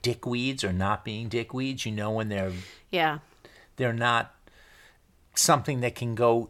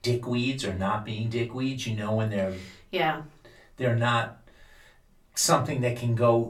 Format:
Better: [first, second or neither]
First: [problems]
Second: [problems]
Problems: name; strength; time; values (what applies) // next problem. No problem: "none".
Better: first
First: none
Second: off-mic speech; far // room echo; very slight; dies away in 0.2 s